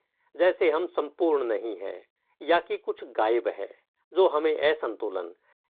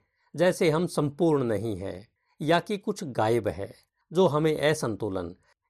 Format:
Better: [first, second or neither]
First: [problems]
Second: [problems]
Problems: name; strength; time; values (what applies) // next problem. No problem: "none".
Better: second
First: phone-call audio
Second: none